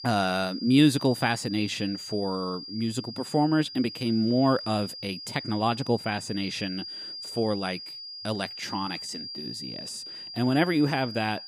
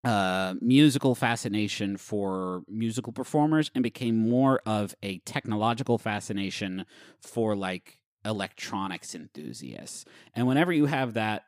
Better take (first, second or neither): second